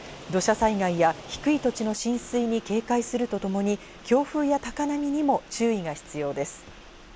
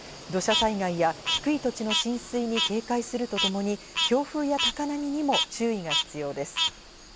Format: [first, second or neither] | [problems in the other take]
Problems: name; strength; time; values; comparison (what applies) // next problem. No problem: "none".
first | background sound (Frog); 3 dB below the speech